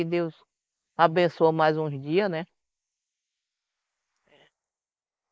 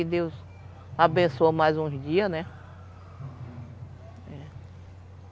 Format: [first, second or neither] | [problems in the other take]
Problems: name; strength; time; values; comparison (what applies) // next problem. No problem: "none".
second | noise reduction (neural mask model Resemble Enhance denoiser)